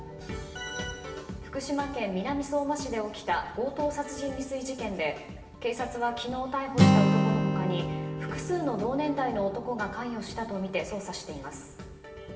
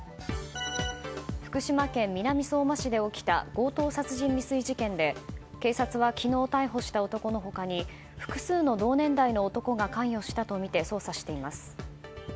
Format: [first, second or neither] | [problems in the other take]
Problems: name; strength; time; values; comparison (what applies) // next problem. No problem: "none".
second | background sound (Acoustic guitar); as loud as the speech // room echo; dies away in 1.1 s